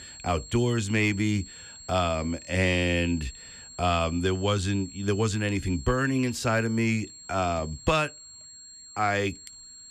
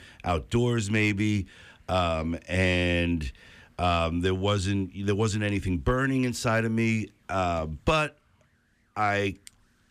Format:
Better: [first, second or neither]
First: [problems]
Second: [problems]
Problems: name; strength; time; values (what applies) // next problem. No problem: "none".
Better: second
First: high-pitched whine; noticeable; throughout; 7.5 kHz, 15 dB below the speech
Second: none